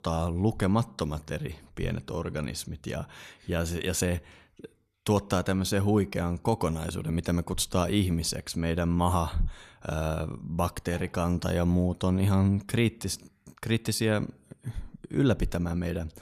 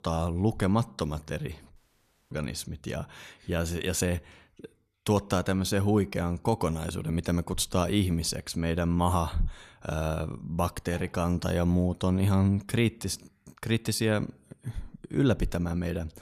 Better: first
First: none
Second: audio cutting out; at 2 s for 0.5 s

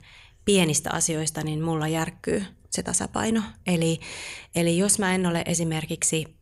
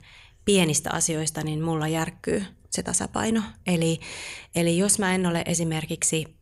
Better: neither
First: none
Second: none

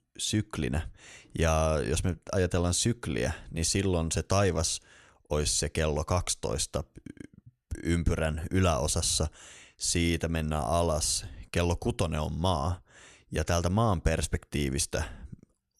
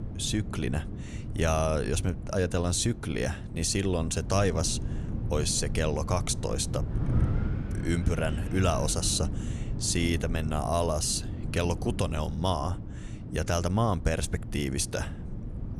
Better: first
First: none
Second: wind noise on the microphone; occasional gusts; 15 dB below the speech

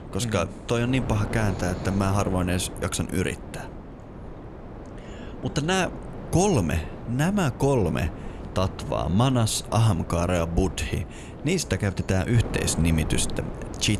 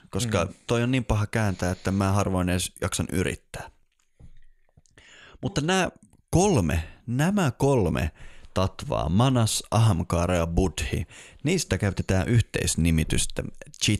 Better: second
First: wind noise on the microphone; occasional gusts; 10 dB below the speech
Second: none

